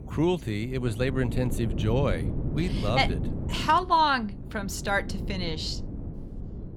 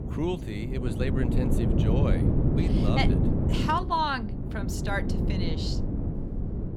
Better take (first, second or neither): first